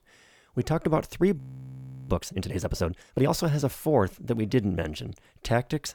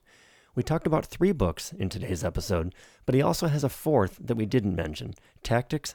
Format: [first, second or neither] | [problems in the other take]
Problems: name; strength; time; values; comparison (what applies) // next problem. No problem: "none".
second | audio freezing; at 1.5 s for 0.5 s